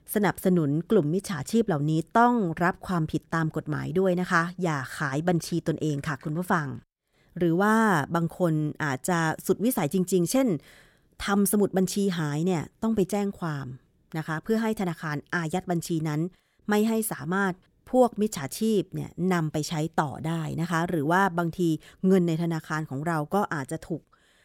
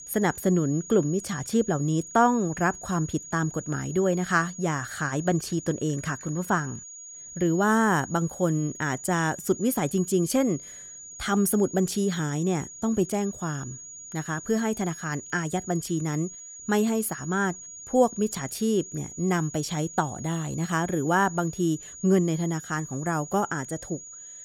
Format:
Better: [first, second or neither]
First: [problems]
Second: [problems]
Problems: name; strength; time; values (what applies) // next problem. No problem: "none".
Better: first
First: none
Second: high-pitched whine; noticeable; throughout; 6.5 kHz, 15 dB below the speech